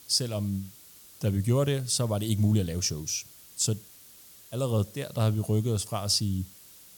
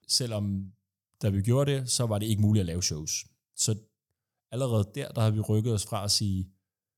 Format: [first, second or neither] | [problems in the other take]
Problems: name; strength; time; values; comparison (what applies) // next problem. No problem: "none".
second | hiss; faint; throughout; 20 dB below the speech